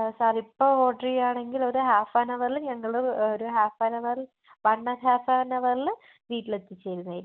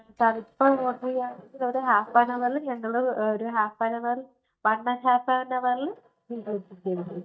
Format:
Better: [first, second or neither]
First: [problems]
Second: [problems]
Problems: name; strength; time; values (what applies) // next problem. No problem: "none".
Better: first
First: none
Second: noise reduction (neural mask model DeepFilterNet 3)